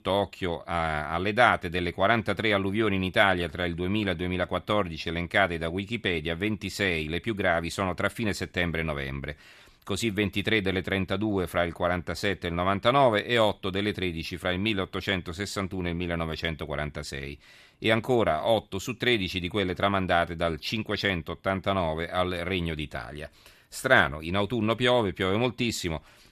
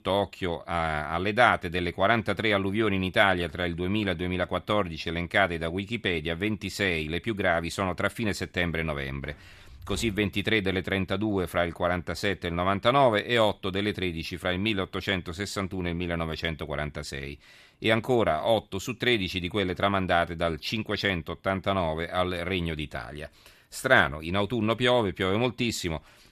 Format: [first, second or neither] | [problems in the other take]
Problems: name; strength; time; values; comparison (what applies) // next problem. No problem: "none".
first | footsteps; faint; from 9 to 10 s; peak 15 dB below the speech